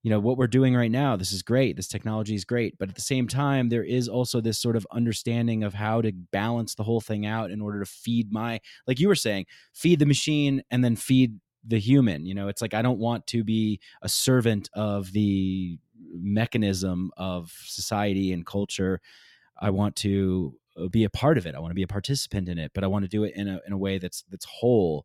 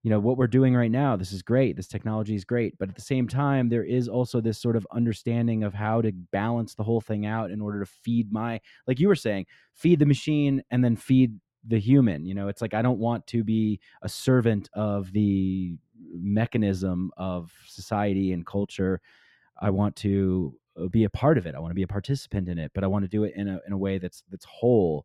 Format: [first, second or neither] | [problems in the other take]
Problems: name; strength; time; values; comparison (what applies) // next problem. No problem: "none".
first | muffled; slightly; fading above 2.5 kHz